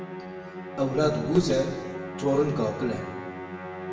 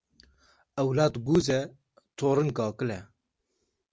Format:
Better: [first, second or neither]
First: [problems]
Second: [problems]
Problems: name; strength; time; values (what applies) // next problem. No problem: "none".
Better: second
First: background sound (Musical instrument); 8 dB below the speech // room echo; dies away in 1.1 s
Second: none